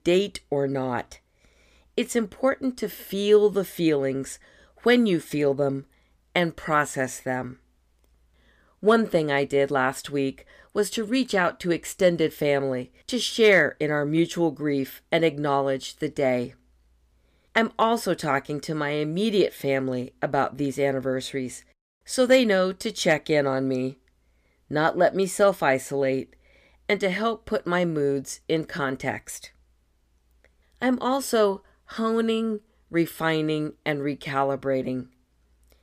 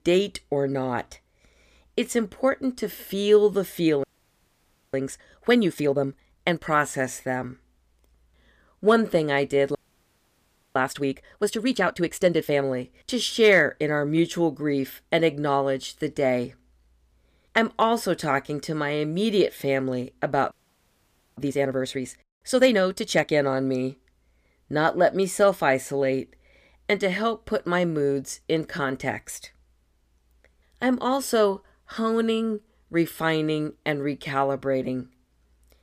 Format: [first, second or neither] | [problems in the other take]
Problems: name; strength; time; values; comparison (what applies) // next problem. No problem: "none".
first | audio freezing; at 4 s for 1 s, at 10 s for 1 s and at 21 s for 1 s